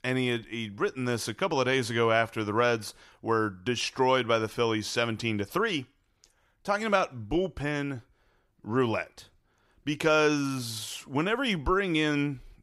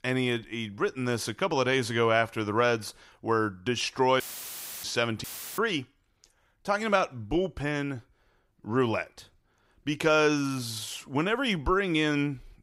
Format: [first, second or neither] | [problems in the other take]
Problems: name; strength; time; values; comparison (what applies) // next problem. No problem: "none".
first | audio cutting out; filled with static; at 4 s for 0.5 s and at 5 s